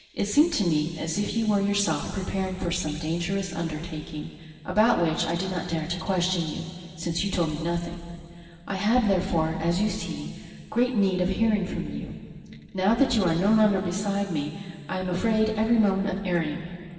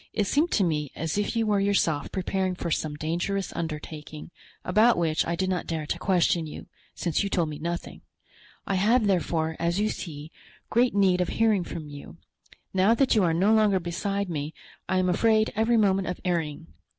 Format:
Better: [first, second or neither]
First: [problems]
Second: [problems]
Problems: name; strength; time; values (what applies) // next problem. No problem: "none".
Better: second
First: room echo; dies away in 2.5 s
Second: none